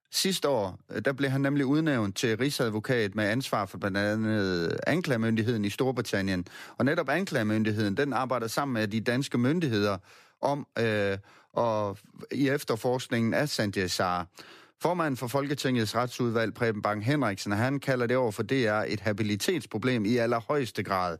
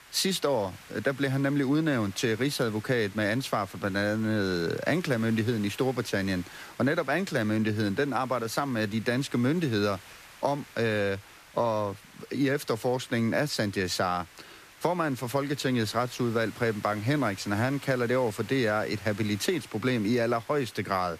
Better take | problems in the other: first | hiss; faint; throughout; 20 dB below the speech

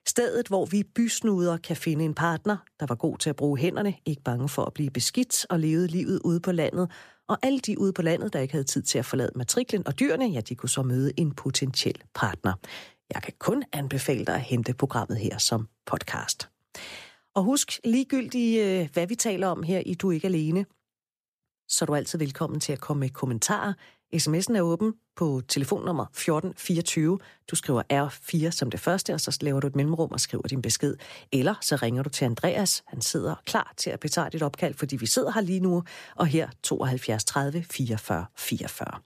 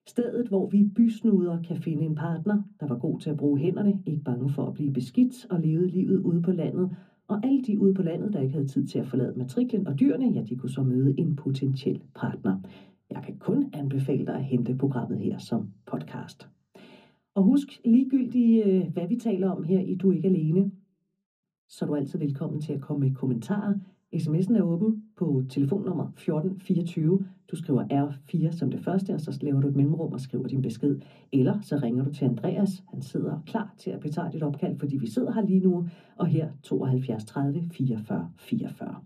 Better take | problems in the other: first | room echo; slight; dies away in 0.3 s // off-mic speech; far

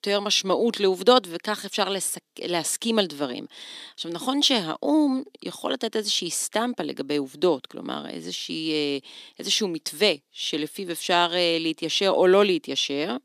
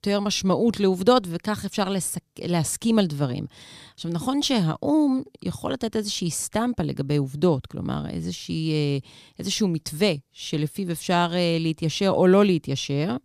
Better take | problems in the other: second | thin; very slightly; fading below 250 Hz

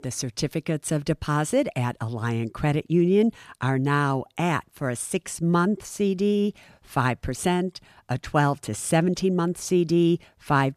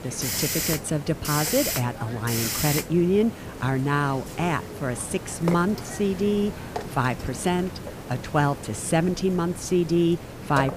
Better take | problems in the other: first | hiss; loud; throughout; 6 dB below the speech

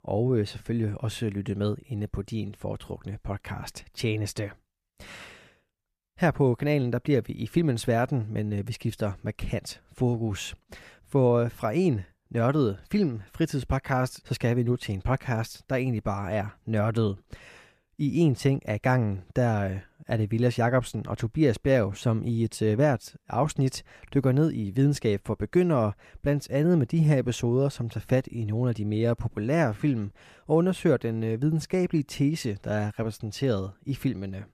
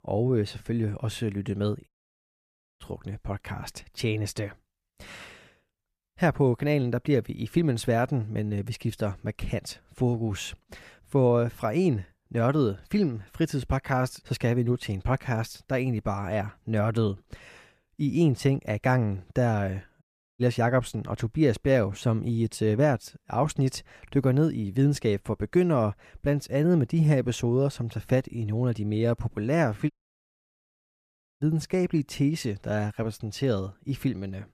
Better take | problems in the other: first | audio cutting out; at 2 s for 1 s, at 20 s and at 30 s for 1.5 s

